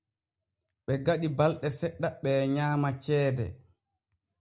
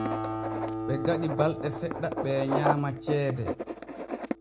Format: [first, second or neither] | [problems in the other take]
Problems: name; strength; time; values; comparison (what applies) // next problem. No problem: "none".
first | background sound (Acoustic guitar + Writing); 1 dB below the speech